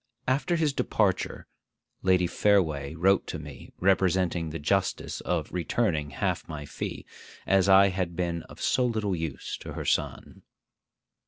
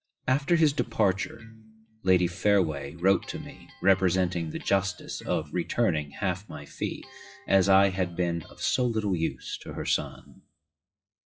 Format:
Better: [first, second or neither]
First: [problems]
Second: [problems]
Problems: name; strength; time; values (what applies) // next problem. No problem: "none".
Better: first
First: none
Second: noise reduction (classical method WPE with log-MMSE)